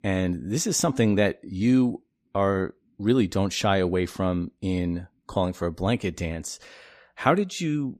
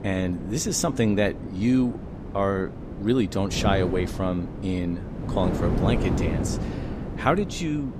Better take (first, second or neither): first